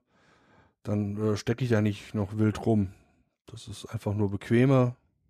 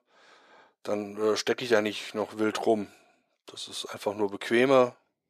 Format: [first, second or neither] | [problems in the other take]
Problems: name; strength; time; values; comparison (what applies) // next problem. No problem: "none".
first | thin; very; fading below 500 Hz